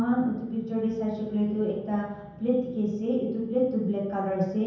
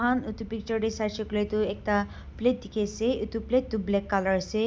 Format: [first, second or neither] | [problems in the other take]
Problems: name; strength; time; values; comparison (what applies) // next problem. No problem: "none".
second | room echo; dies away in 0.9 s